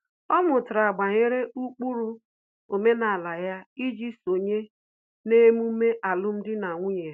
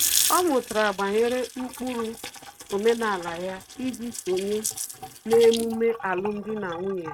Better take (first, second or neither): first